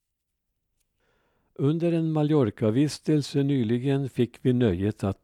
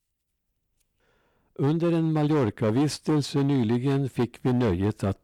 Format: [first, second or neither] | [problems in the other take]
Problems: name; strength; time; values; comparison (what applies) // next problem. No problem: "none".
first | distortion; slight; 11% of the sound clipped